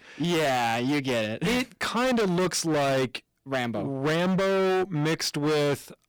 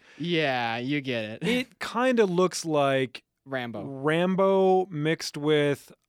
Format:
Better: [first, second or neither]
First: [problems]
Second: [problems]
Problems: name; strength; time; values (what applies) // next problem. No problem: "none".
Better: second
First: distortion; heavy; 29% of the sound clipped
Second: none